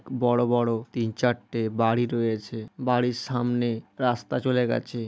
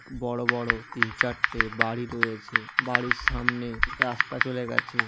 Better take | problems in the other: first | background sound (Typing); 5 dB above the speech

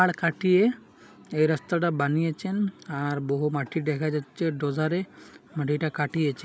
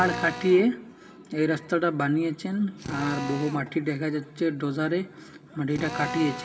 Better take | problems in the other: first | background sound (Drill); 12 dB below the speech // room echo; dies away in 1.5 s

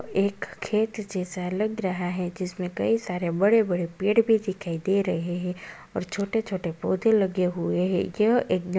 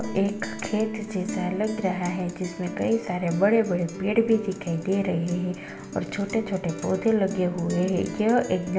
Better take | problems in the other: first | background sound (Guitar); 10 dB below the speech // room echo; dies away in 0.7 s

